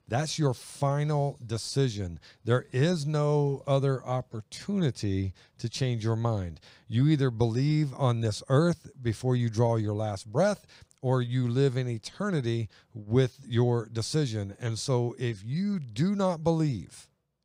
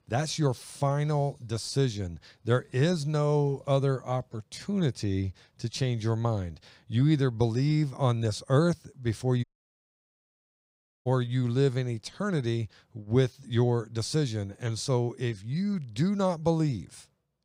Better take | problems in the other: first | audio cutting out; at 9.5 s for 1.5 s

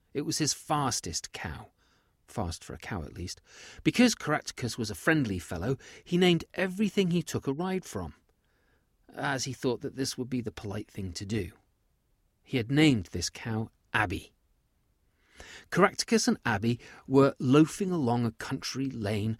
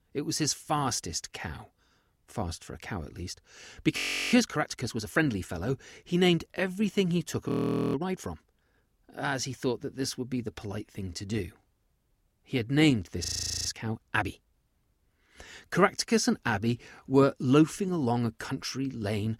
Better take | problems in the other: first | audio freezing; at 4 s, at 7.5 s and at 13 s

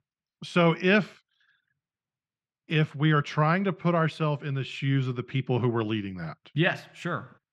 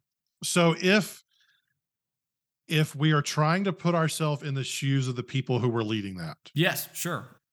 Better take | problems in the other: second | muffled; slightly; fading above 2.5 kHz

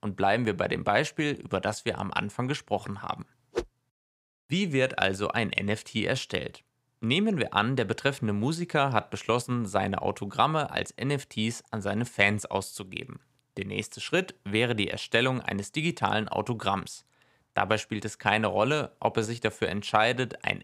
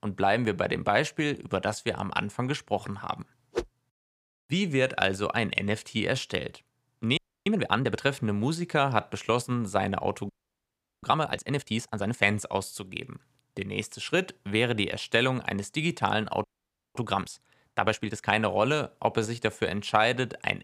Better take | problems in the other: first | audio freezing; at 7 s, at 10 s for 0.5 s and at 16 s for 0.5 s

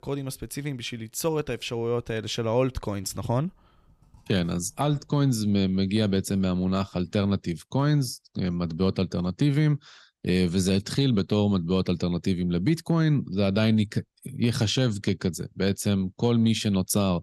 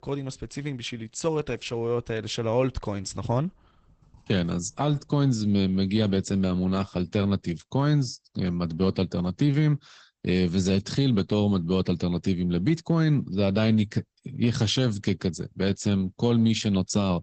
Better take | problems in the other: first | garbled, watery; badly; nothing above 8 kHz

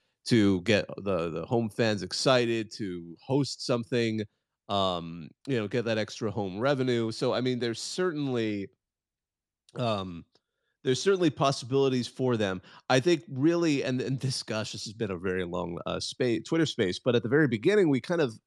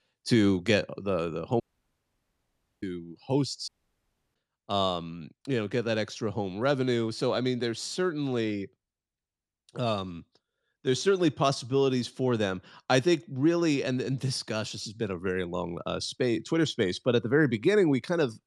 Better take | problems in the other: first | audio cutting out; at 1.5 s for 1 s and at 3.5 s for 0.5 s

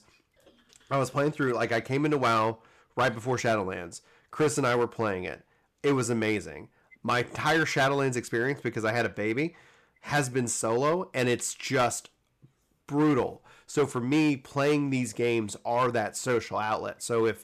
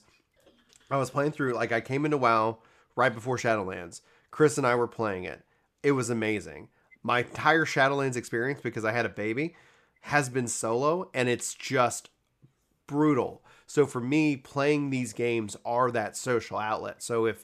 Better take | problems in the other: second | distortion; slight; 4% of the sound clipped

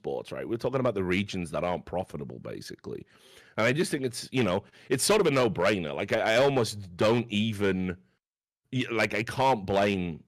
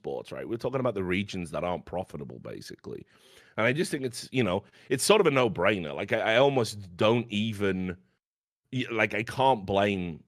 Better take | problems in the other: second | distortion; slight; 3% of the sound clipped

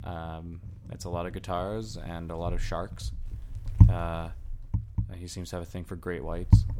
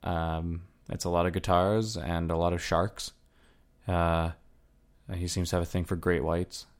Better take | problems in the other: second | wind noise on the microphone; heavy; 2 dB below the speech

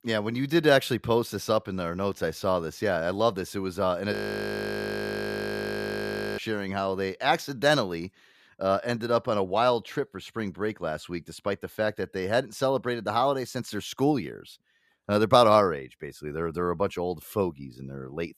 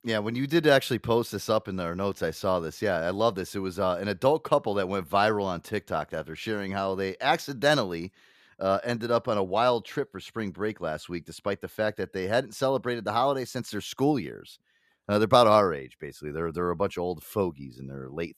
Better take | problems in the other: second | audio freezing; at 4 s for 2.5 s

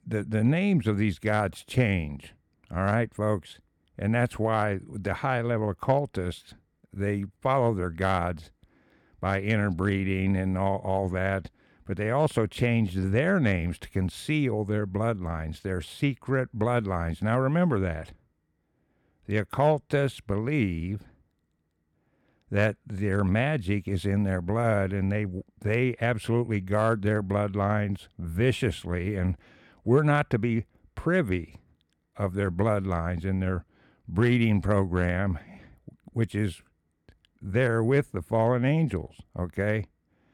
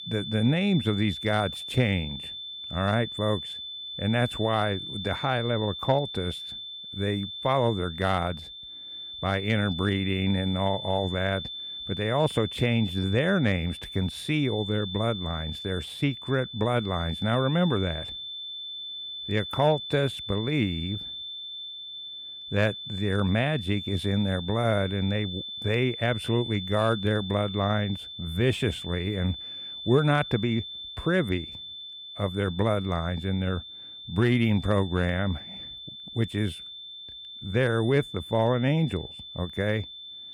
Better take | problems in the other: first | high-pitched whine; loud; throughout; 3.5 kHz, 9 dB below the speech

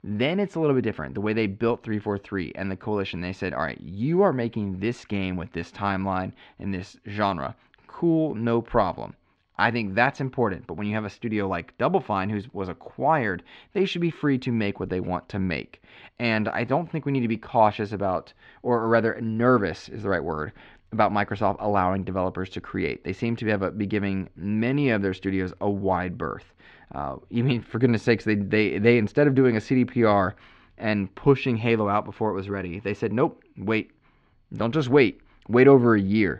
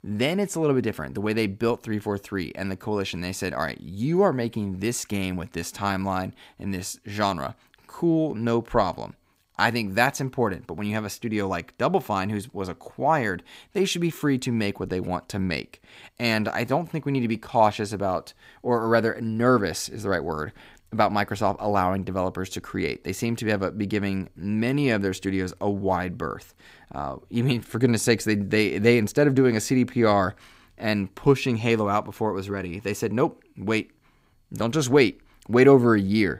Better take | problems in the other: second | muffled; slightly; fading above 3.5 kHz

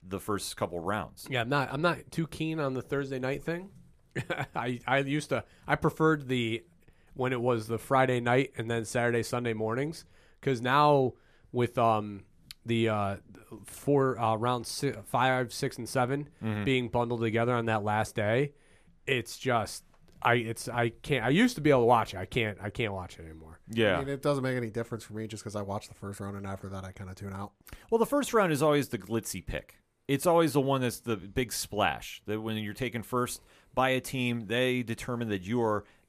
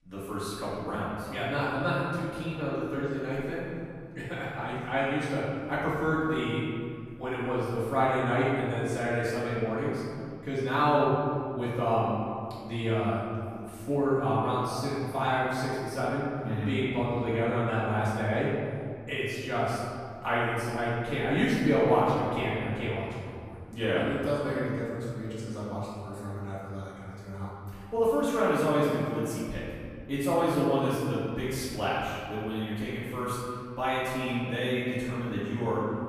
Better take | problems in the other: first | off-mic speech; far // room echo; strong; dies away in 2.1 s

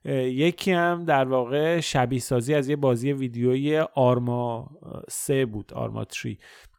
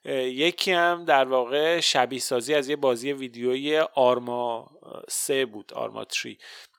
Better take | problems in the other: first | thin; somewhat; fading below 400 Hz

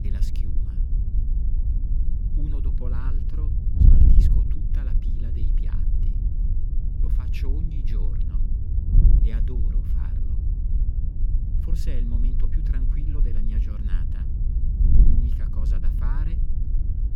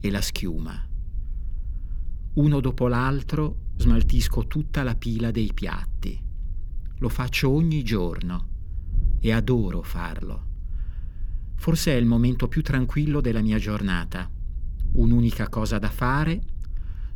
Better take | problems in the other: second | wind noise on the microphone; heavy; 3 dB above the speech; occasional gusts in the second

